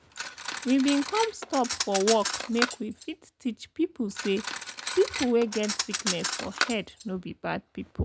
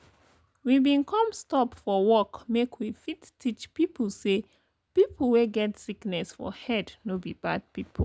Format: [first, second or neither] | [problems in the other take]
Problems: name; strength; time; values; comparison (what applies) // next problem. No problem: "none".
second | background sound (Cutlery, silverware); 6 dB below the speech